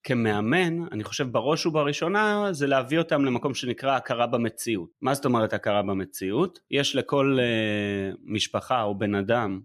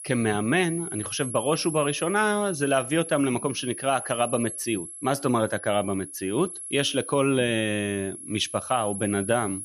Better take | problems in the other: first | high-pitched whine; loud; throughout; 11 kHz, 9 dB below the speech

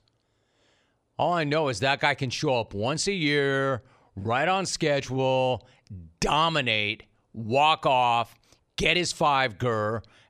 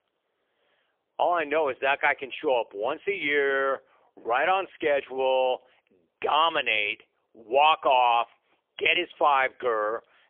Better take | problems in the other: first | phone-call audio; poor line; nothing above 3.5 kHz

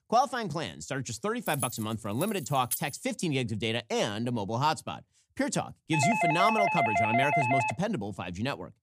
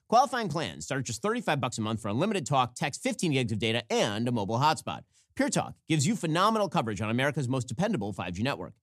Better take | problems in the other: second | jangling keys; noticeable; from 1.5 to 3 s; peak 3 dB below the speech // doorbell; loud; from 6 to 7.5 s; peak 5 dB above the speech

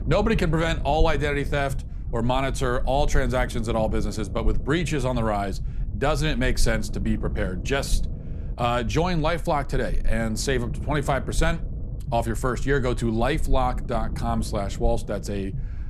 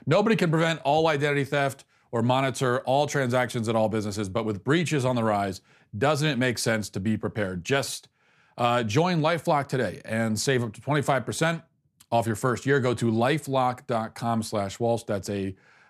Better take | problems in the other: second | low rumble; noticeable; throughout; 20 dB below the speech

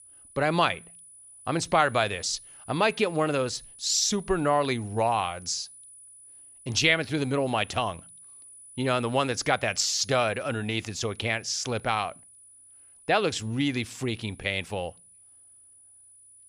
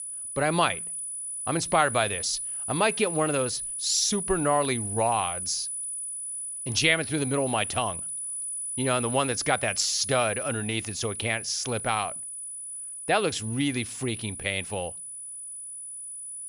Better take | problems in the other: first | high-pitched whine; loud; throughout; 10 kHz, 5 dB below the speech; faint in the first

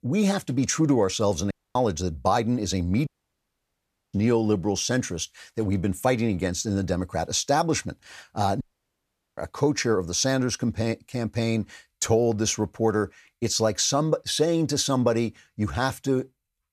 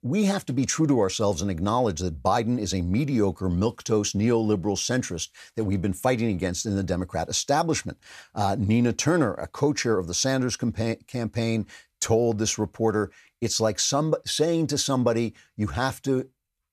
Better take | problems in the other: second | audio cutting out; at 1.5 s, at 3 s for 1 s and at 8.5 s for 1 s

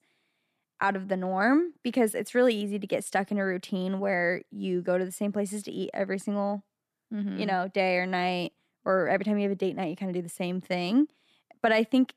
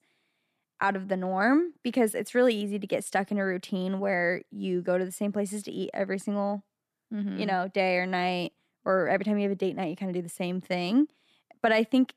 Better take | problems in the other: neither | none

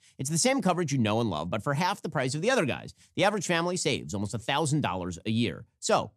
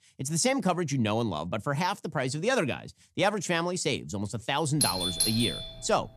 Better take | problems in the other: first | doorbell; loud; from 5 s on; peak 3 dB above the speech

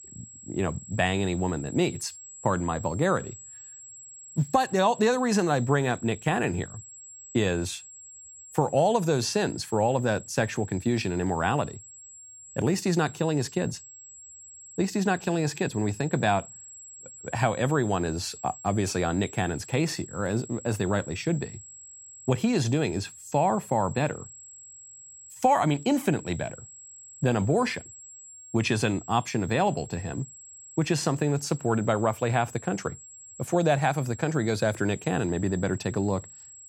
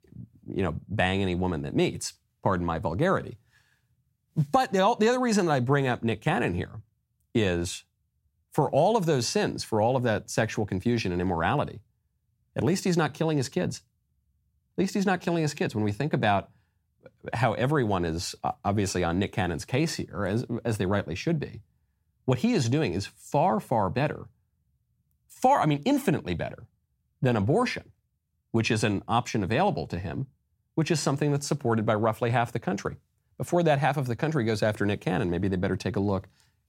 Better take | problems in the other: second | high-pitched whine; noticeable; throughout; 7.5 kHz, 15 dB below the speech

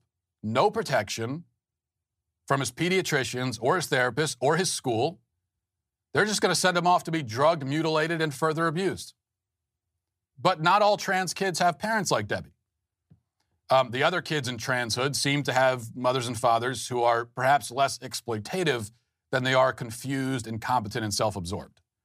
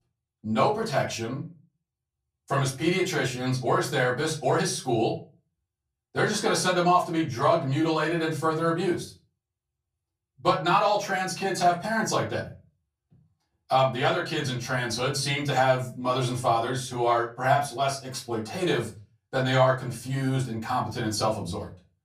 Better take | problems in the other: first | off-mic speech; far // room echo; slight; dies away in 0.3 s

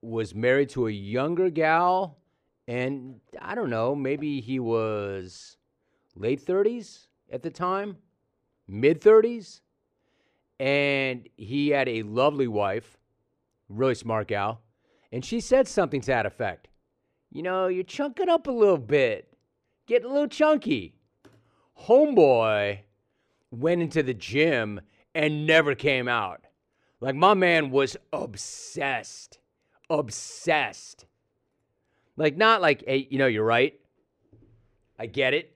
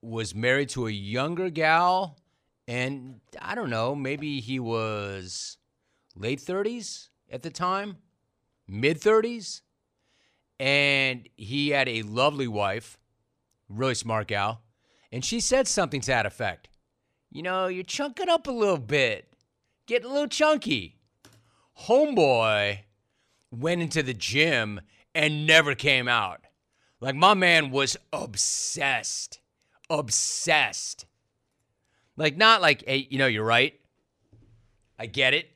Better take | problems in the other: second | muffled; slightly; fading above 3 kHz

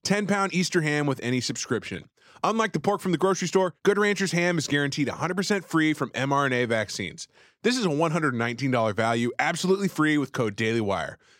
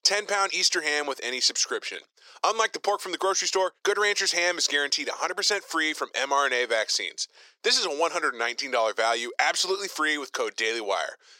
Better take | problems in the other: first | thin; very; fading below 450 Hz

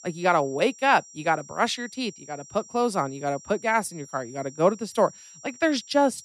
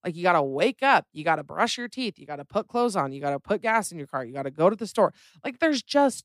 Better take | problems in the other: second | high-pitched whine; noticeable; throughout; 5.5 kHz, 20 dB below the speech

